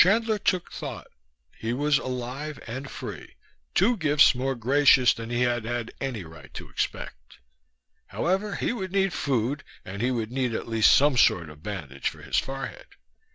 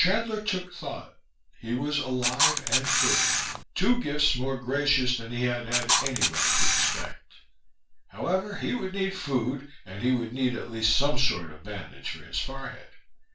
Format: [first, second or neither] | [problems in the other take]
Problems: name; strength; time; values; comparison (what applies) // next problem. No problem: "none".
first | background sound (Camera); 3 dB above the speech // room echo; dies away in 0.3 s